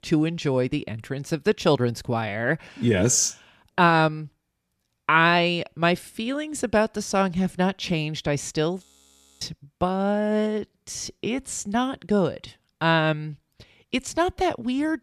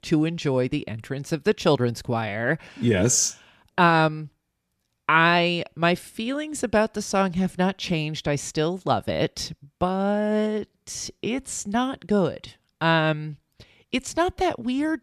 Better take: second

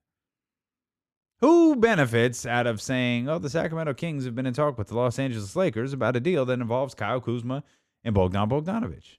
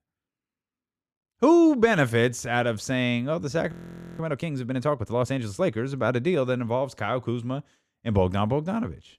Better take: first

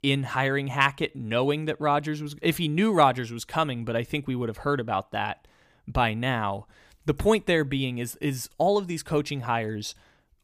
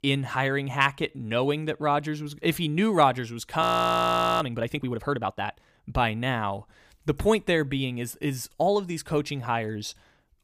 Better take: first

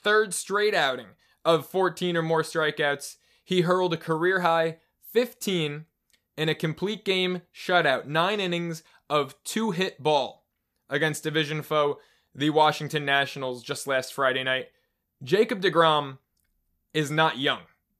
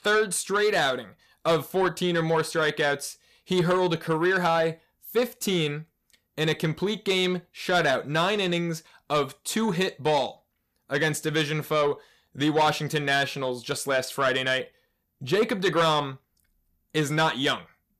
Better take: first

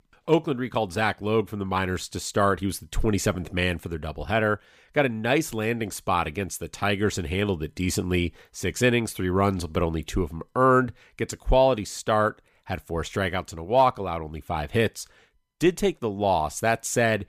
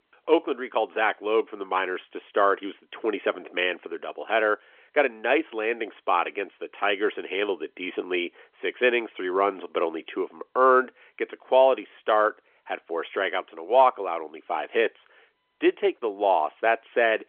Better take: first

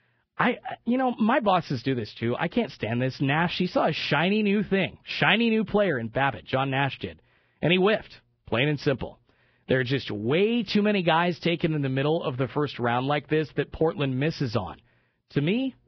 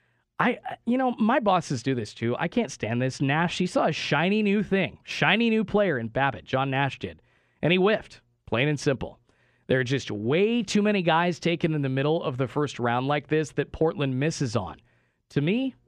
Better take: second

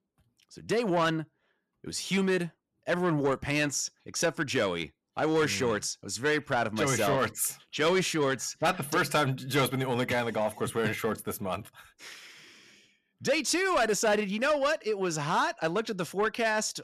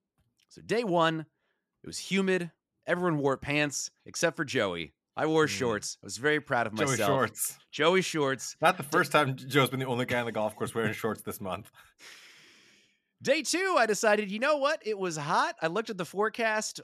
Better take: second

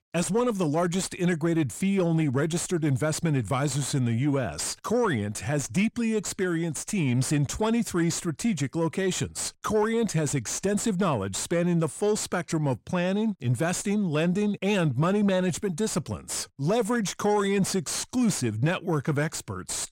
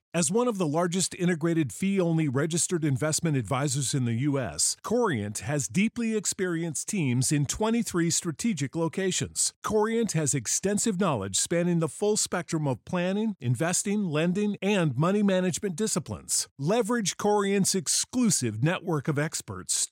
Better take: second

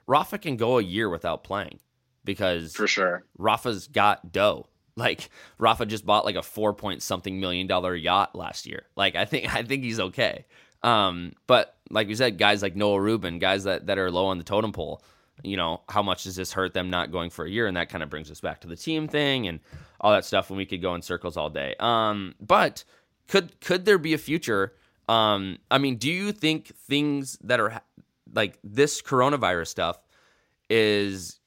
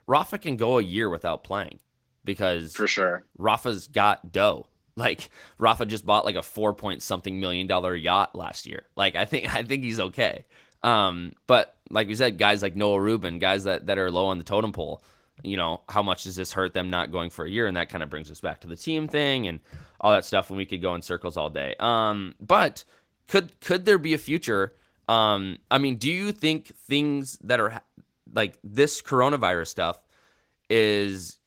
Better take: first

